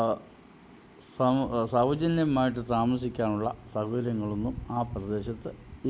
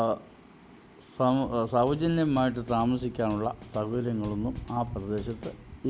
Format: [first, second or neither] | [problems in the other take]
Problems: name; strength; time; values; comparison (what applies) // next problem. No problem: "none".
first | background sound (Drum kit); 20 dB below the speech